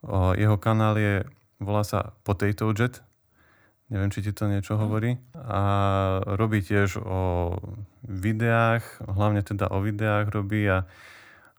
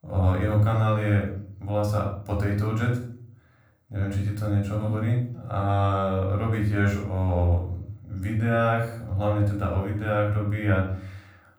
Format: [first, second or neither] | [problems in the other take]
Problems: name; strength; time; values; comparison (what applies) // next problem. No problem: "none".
first | off-mic speech; far // room echo; noticeable; dies away in 0.5 s